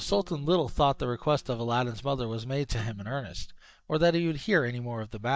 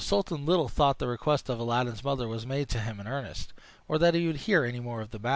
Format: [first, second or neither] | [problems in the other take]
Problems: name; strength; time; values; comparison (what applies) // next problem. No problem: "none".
second | noise reduction (neural mask model DeepFilterNet 3)